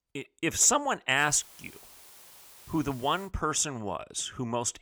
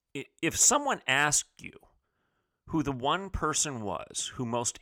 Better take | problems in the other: second | hiss; faint; from 1 to 3.5 s; 20 dB below the speech

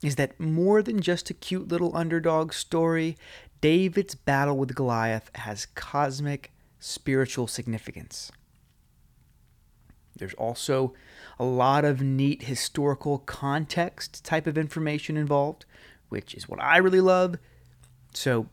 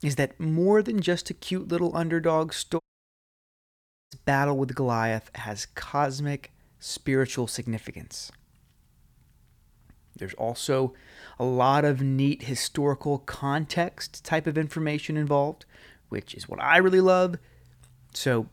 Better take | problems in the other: first | audio cutting out; at 3 s for 1.5 s

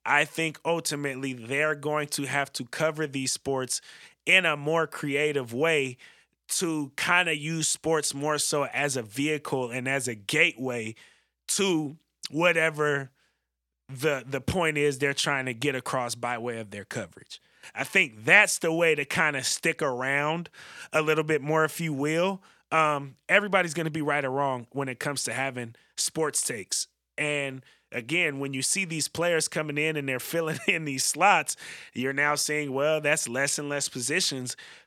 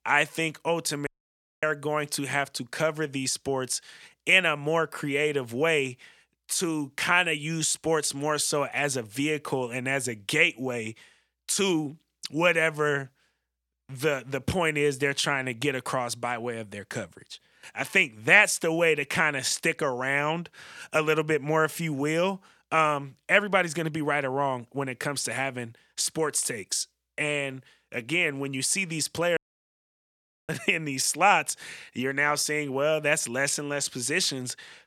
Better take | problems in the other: first | audio cutting out; at 1 s for 0.5 s and at 29 s for 1 s

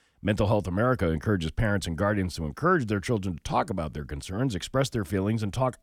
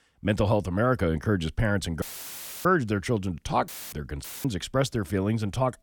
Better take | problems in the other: first | audio cutting out; filled with static; at 2 s for 0.5 s, at 3.5 s and at 4 s

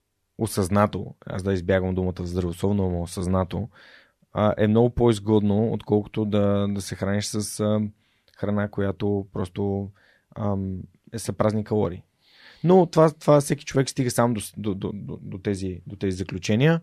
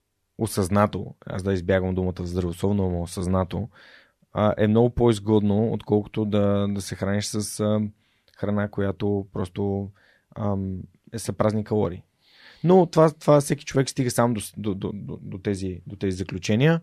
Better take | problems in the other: neither | none

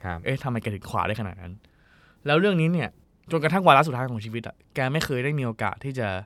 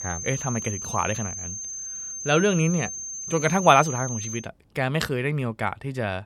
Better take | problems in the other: first | high-pitched whine; loud; until 4.5 s; 6.5 kHz, 7 dB below the speech

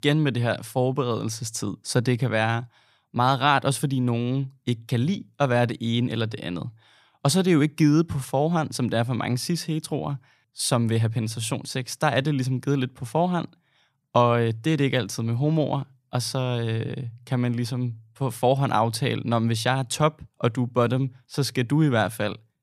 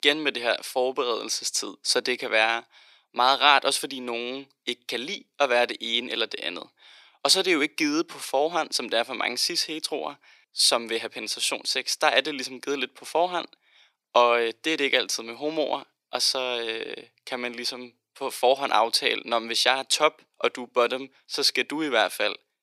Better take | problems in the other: first | thin; very; fading below 350 Hz

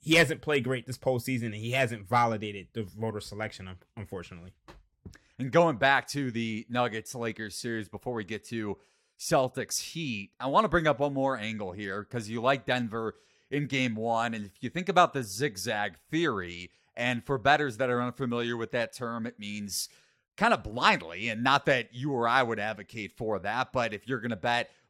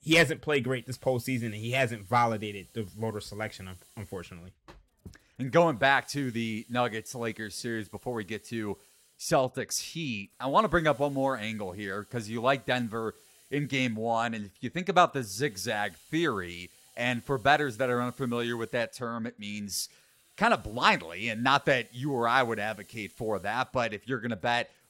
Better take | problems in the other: first | hiss; faint; throughout; 25 dB below the speech

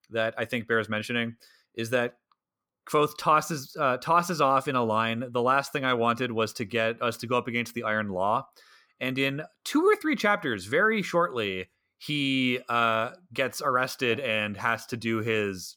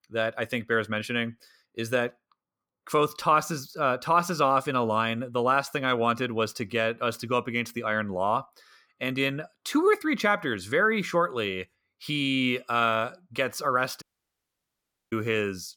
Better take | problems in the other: first | audio cutting out; at 14 s for 1 s

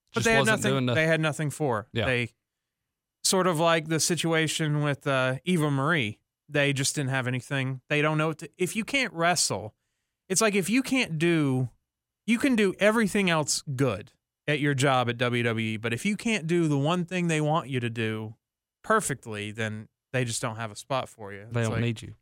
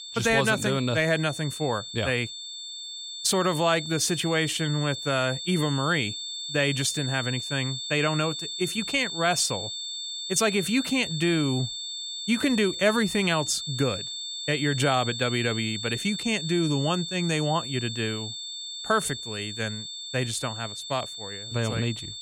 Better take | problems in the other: first | high-pitched whine; loud; throughout; 3.5 kHz, 6 dB below the speech

